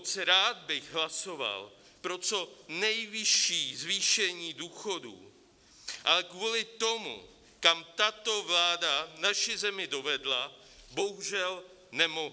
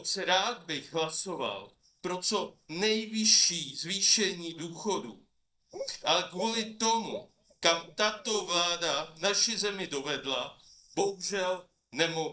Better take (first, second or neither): first